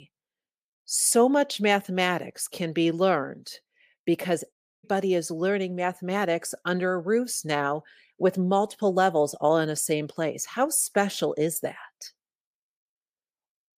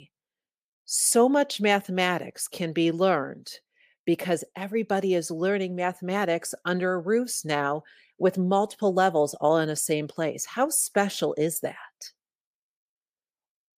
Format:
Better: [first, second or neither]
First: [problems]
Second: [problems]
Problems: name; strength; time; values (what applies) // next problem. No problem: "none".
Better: second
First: audio cutting out; at 4.5 s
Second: none